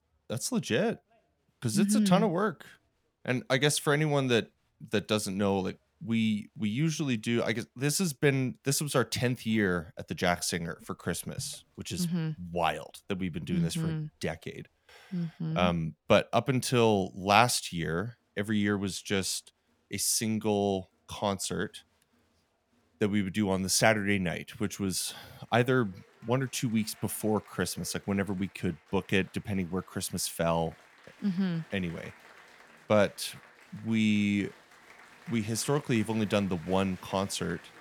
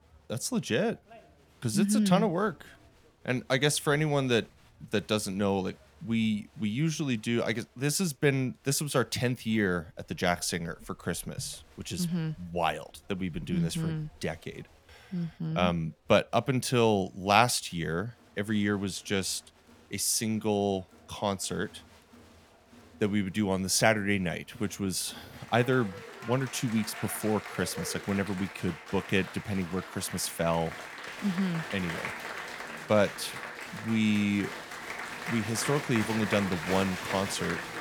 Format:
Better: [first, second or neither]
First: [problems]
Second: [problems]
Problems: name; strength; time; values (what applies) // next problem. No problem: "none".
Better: first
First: crowd noise; faint; throughout; 25 dB below the speech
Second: crowd noise; loud; throughout; 9 dB below the speech